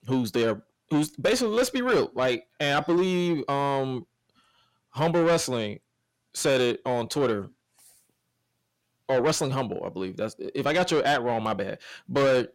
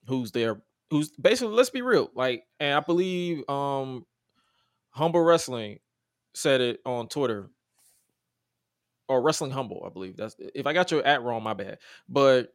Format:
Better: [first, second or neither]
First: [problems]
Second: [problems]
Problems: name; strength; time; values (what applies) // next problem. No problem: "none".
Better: second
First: distortion; heavy; 7 dB below the speech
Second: none